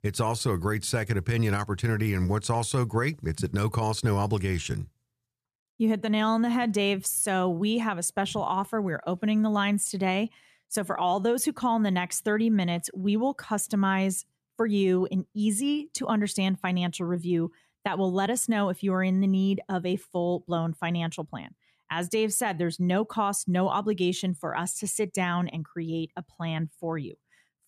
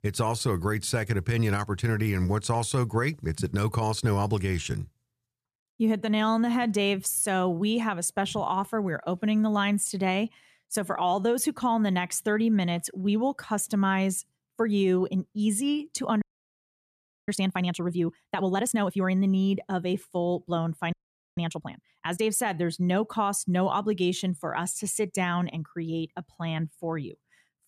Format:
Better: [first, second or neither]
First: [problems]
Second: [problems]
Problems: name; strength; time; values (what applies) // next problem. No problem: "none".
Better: first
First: none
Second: audio freezing; at 16 s for 1 s and at 21 s